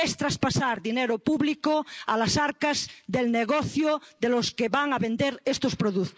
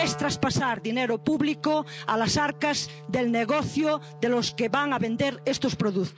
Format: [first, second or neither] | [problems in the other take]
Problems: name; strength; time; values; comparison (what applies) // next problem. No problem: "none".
first | background sound (Wind instrument, woodwind instrument); 16 dB below the speech